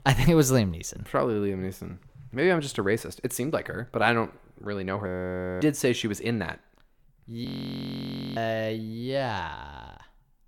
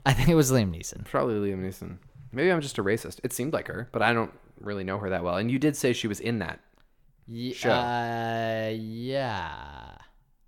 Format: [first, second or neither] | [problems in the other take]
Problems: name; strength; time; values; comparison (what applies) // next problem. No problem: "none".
second | audio freezing; at 5 s for 0.5 s and at 7.5 s for 1 s